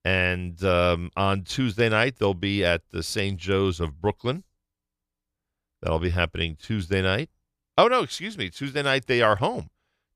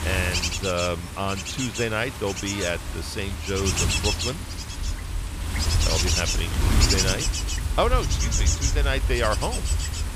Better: first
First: none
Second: wind noise on the microphone; heavy; as loud as the speech

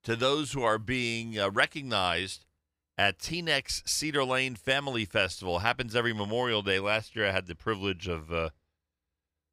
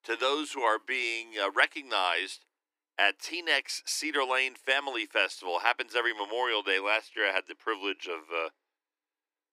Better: first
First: none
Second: thin; somewhat; fading below 300 Hz

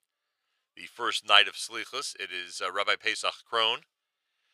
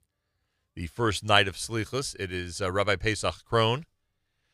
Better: second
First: thin; very; fading below 600 Hz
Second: none

